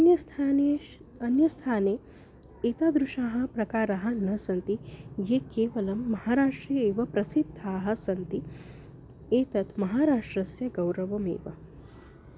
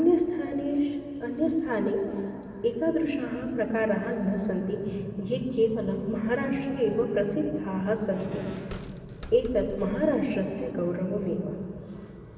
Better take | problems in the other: first | background sound (Squeak); 16 dB below the speech // room echo; dies away in 2.8 s

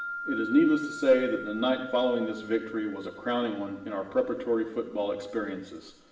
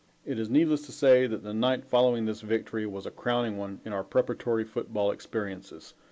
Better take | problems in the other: second | background sound (Wind chime); 14 dB below the speech // room echo; dies away in 0.8 s

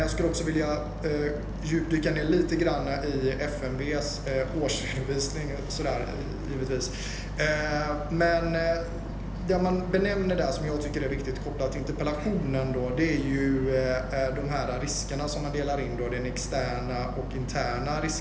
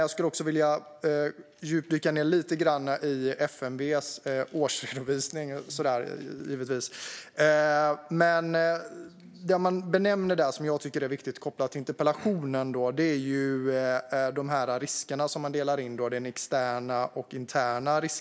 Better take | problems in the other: second | background sound (Boat, Water vehicle); 6 dB below the speech // room echo; dies away in 0.8 s

